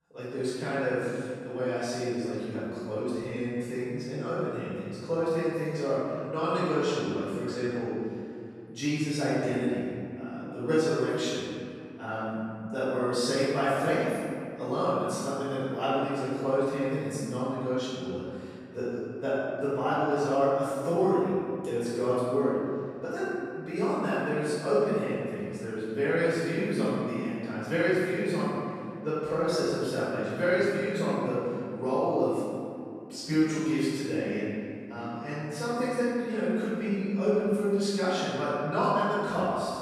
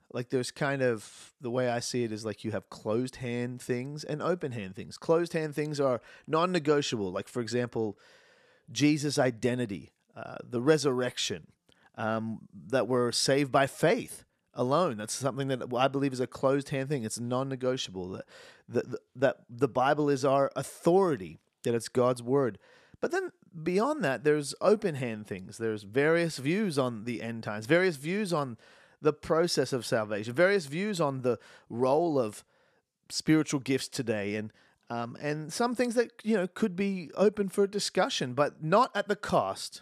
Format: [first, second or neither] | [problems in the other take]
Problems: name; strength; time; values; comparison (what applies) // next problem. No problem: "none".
second | off-mic speech; far // room echo; strong; dies away in 2.4 s